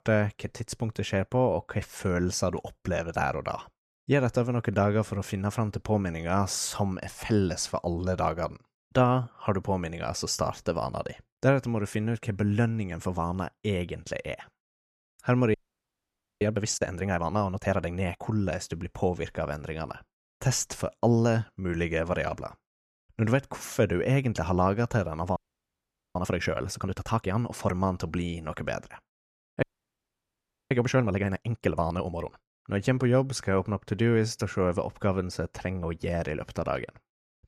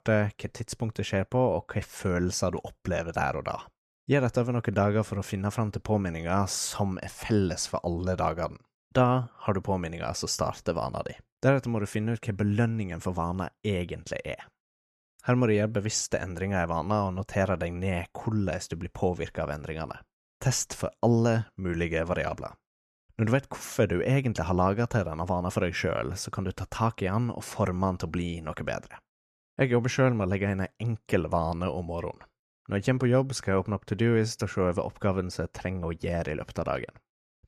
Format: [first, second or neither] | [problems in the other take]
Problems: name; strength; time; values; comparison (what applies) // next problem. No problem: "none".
second | audio freezing; at 16 s for 1 s, at 25 s for 1 s and at 30 s for 1 s